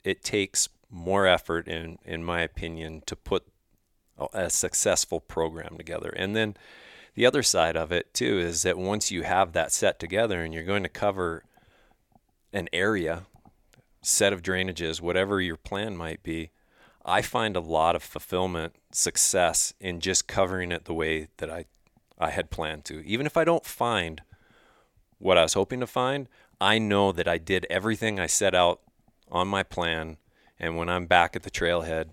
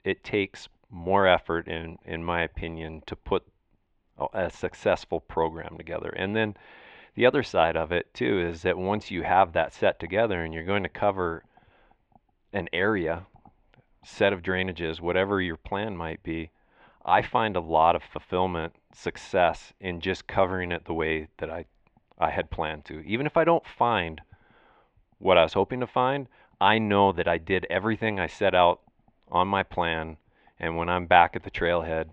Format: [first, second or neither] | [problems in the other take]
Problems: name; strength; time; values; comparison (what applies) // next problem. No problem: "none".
first | muffled; very; fading above 3 kHz